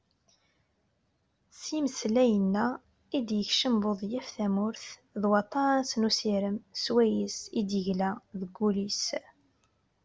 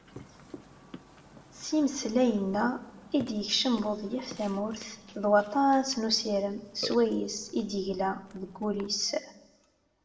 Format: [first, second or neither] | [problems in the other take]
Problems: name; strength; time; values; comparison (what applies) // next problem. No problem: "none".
first | background sound (Burping, eructation); 19 dB below the speech // room echo; dies away in 0.6 s